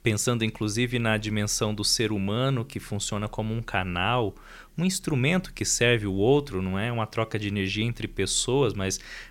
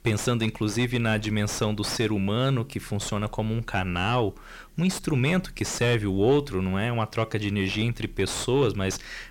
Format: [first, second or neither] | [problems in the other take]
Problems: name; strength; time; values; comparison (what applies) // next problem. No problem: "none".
first | distortion; slight; 9 dB below the speech